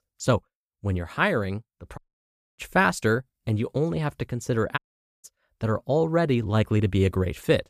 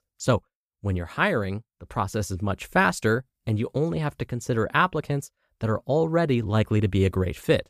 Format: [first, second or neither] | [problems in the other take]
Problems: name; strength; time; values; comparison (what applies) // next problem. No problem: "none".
second | audio cutting out; at 2 s for 0.5 s and at 5 s